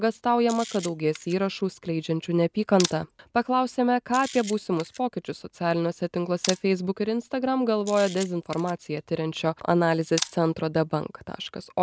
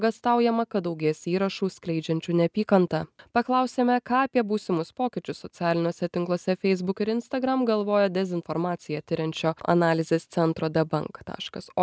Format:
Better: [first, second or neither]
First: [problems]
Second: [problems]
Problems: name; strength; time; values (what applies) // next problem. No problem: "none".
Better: second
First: background sound (Camera); 15 dB below the speech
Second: none